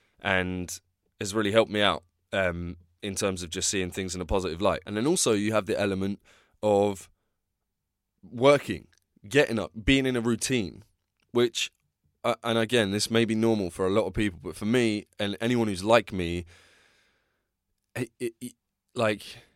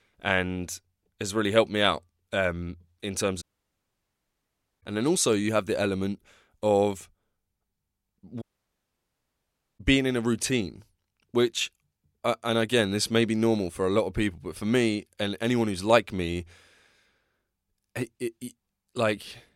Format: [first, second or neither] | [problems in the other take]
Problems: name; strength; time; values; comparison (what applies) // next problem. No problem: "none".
first | audio cutting out; at 3.5 s for 1.5 s and at 8.5 s for 1.5 s